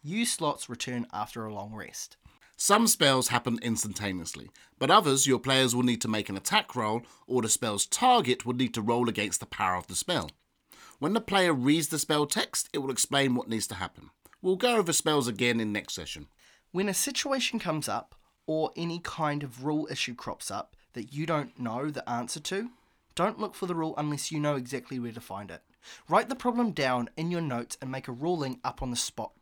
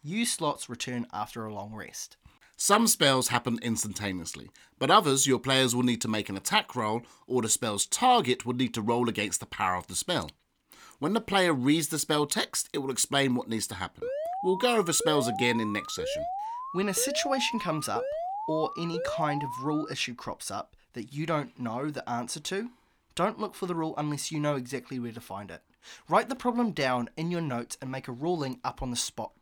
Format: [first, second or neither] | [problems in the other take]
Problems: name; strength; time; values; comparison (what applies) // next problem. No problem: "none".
first | alarm; noticeable; from 14 to 20 s; peak 5 dB below the speech